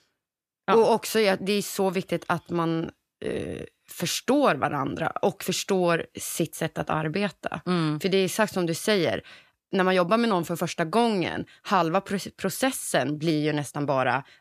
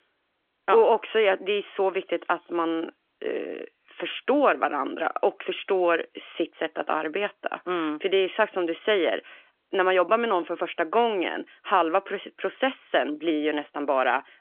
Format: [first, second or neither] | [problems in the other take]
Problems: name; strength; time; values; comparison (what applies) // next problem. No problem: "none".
first | phone-call audio; nothing above 3.5 kHz